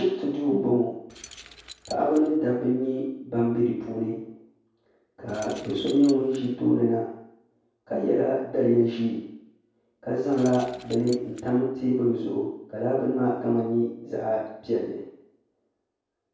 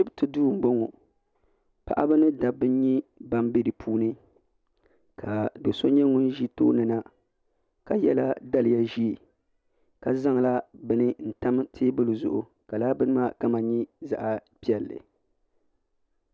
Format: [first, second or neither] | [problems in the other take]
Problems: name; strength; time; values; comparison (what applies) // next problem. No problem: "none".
second | background sound (Keys jangling); 20 dB below the speech // room echo; dies away in 0.7 s